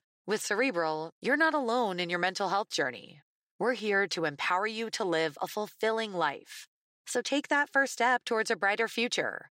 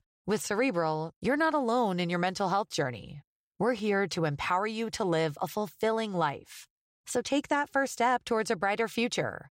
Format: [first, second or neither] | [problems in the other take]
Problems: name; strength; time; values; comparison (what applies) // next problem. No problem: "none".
second | thin; very slightly; fading below 300 Hz